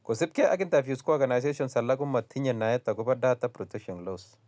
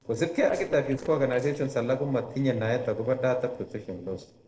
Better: first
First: none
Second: noise reduction (neural separator model SepFormer DNS4)

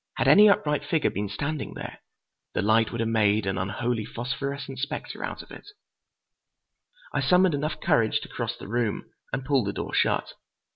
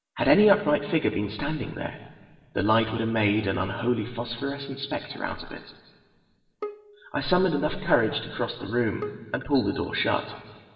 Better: first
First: none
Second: background sound (Bowed string instrument); 16 dB below the speech // room echo; dies away in 2 s

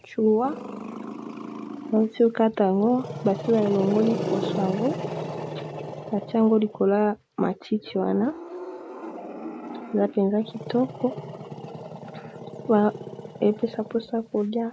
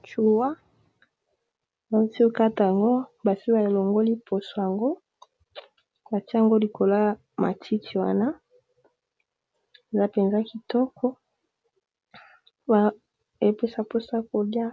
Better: second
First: background sound (Growling); 10 dB below the speech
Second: none

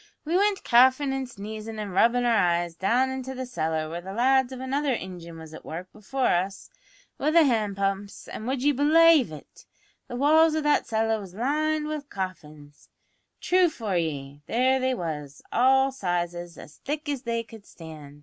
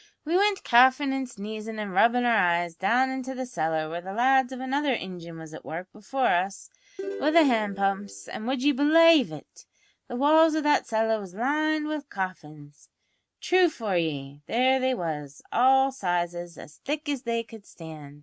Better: first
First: none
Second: noise reduction (neural mask model RNNoise)

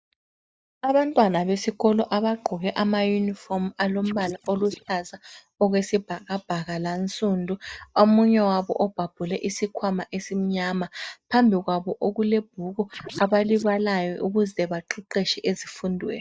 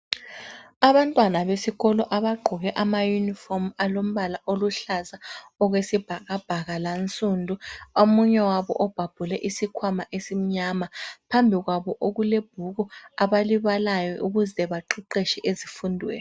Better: second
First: noise reduction (neural mask model DeepFilterNet 3)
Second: none

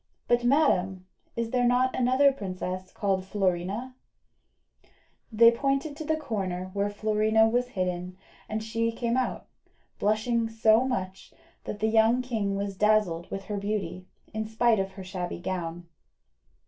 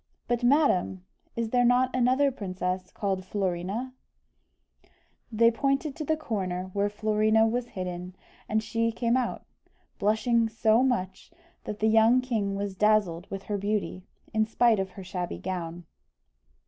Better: second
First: room echo; dies away in 0.2 s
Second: none

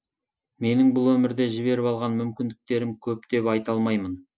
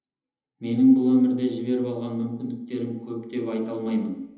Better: first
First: none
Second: room echo; dies away in 0.9 s

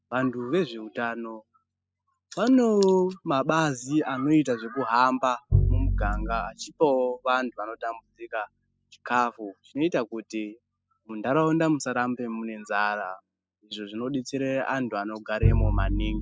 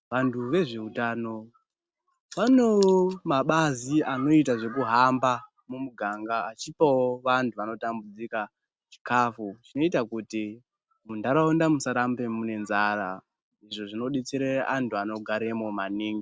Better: second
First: noise reduction (classical method spectral subtraction)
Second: none

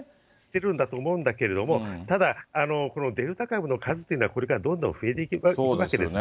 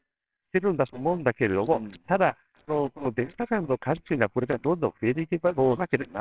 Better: first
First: none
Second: noise reduction (neural separator model SepFormer WHAMR!)

